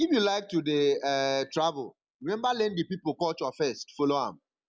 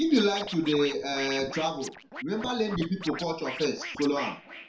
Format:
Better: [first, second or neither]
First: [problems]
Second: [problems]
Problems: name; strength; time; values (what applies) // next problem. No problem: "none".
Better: first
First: none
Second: background sound (Scratching (performance technique)); 12 dB below the speech // room echo; dies away in 0.3 s